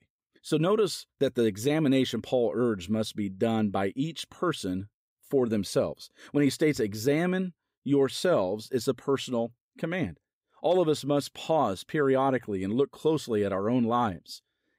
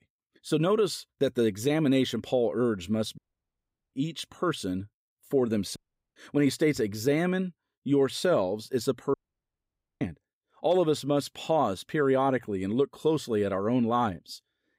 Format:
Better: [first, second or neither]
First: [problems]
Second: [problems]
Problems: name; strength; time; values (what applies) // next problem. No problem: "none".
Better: first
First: none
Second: audio cutting out; at 3 s for 1 s, at 6 s and at 9 s for 1 s